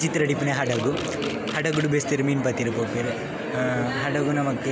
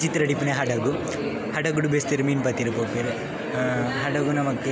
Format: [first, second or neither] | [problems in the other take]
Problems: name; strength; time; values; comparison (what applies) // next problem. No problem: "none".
second | background sound (Camera); 15 dB below the speech